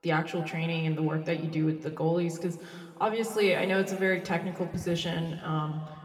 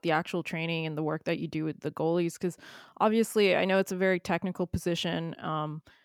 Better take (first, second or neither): second